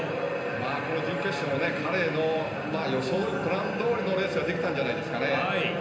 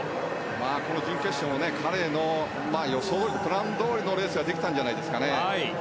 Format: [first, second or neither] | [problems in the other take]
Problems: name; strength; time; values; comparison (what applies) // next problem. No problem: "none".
second | room echo; dies away in 0.9 s